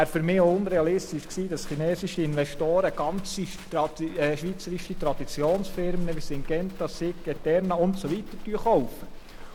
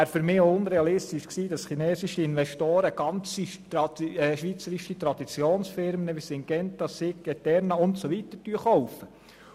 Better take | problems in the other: second | background sound (Livestock, farm animals, working animals); 8 dB below the speech

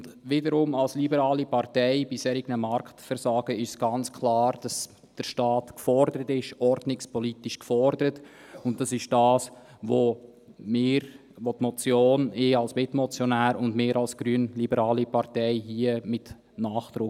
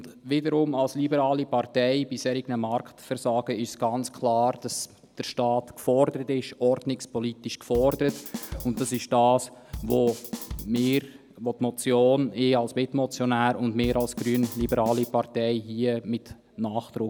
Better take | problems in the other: first | background sound (Bass drum / Snare drum / Drum kit); 12 dB below the speech

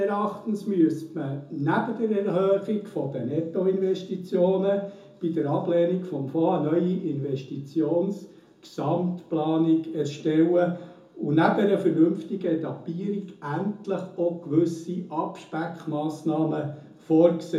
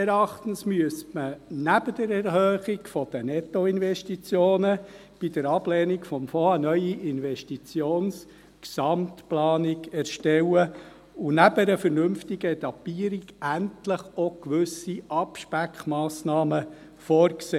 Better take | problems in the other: second | room echo; dies away in 0.6 s

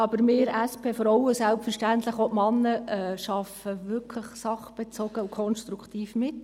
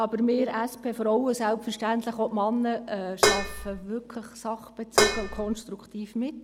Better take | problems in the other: first | background sound (Dishes, pots, and pans); 4 dB above the speech

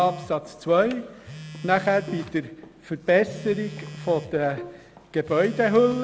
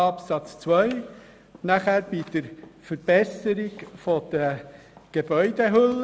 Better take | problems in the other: second | background sound (Bowed string instrument + Telephone); 16 dB below the speech

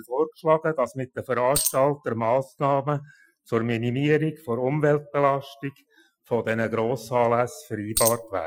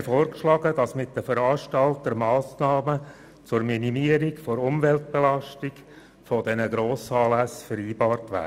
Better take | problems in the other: second | noise reduction (classical method Wiener filter)

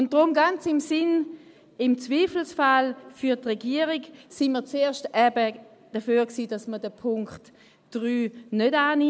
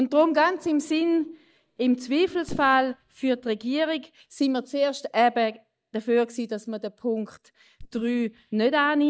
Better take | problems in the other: first | noise reduction (neural mask model DeepFilterNet 3)

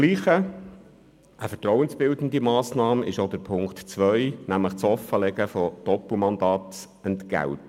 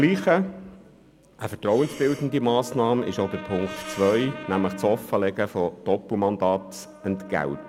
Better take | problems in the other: first | background sound (Breathing + Brass instrument); 17 dB below the speech

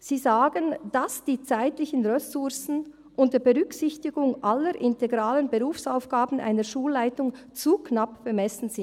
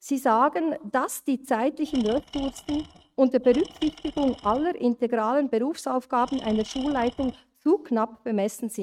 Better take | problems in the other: first | noise reduction (neural mask model RNNoise)

